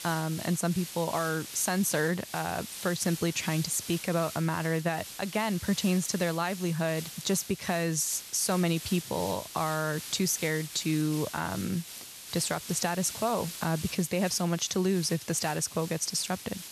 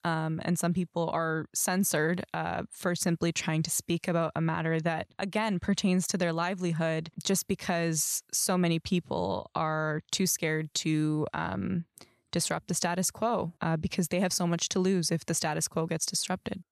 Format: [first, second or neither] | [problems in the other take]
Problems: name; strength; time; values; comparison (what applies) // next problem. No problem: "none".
second | hiss; noticeable; throughout; 10 dB below the speech